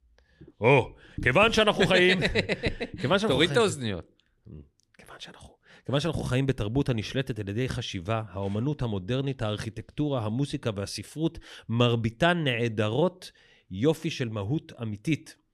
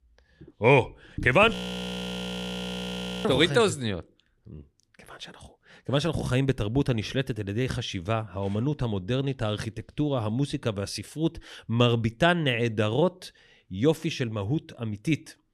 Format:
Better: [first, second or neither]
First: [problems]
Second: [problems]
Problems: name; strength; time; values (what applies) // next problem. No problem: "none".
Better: first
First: none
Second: audio freezing; at 1.5 s for 1.5 s